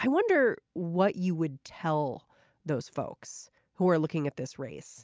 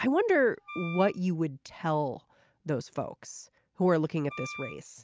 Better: first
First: none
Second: background sound (Wind instrument, woodwind instrument); 13 dB below the speech

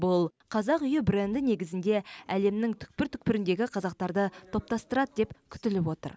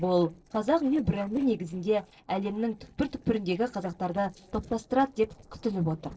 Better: first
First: none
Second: noise reduction (neural separator model SepFormer DNS4)

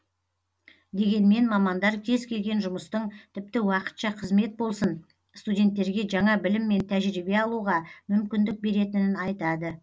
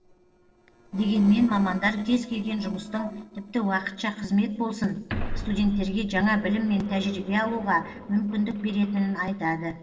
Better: first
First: none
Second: noise reduction (neural separator model SepFormer DNS4)

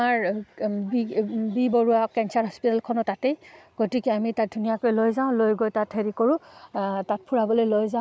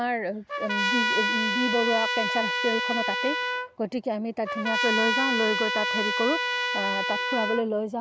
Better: first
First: none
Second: background sound (Trumpet); 1 dB above the speech

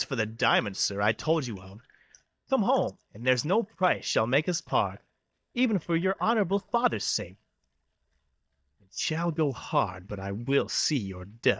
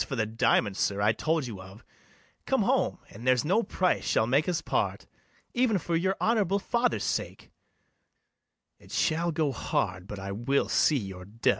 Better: second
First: noise reduction (neural mask model DeepFilterNet 3)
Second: none

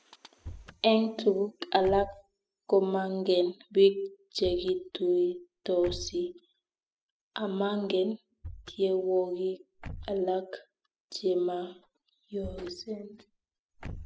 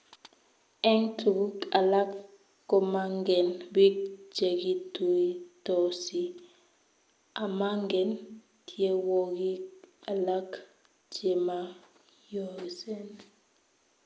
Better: second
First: noise reduction (classical method spectral subtraction)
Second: none

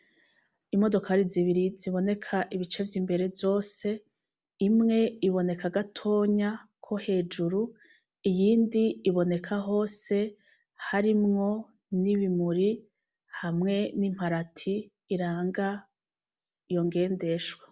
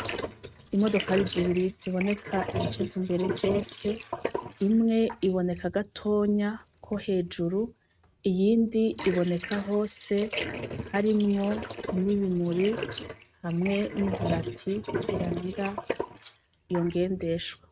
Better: first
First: none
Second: noise reduction (neural mask model RNNoise)

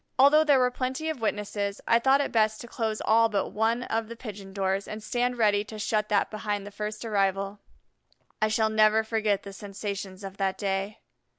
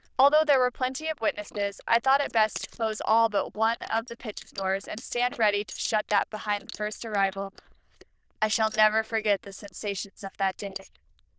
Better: first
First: none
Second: noise reduction (neural diffusion model UNIVERSE++)

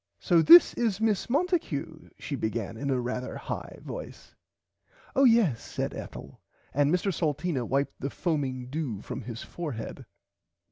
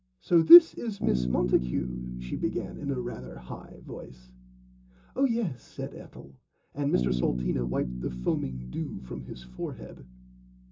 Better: first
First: none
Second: background sound (Bass guitar); 7 dB below the speech // room echo; dies away in 0.2 s

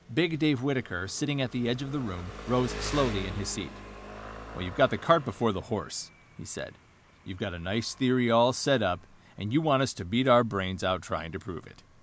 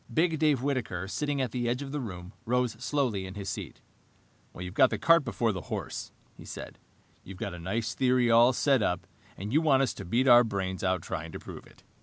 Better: second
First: background sound (Engine); 15 dB below the speech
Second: none

